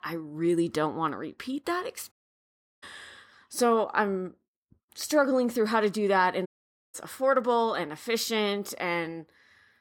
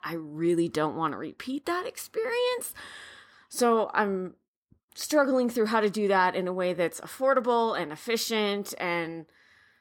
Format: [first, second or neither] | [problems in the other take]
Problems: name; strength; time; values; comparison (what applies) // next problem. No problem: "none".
second | audio cutting out; at 2 s for 0.5 s and at 6.5 s